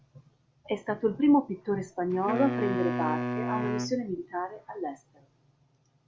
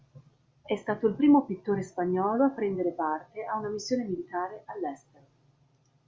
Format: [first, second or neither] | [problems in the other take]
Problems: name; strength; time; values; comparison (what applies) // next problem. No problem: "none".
second | background sound (Wind instrument, woodwind instrument); 3 dB below the speech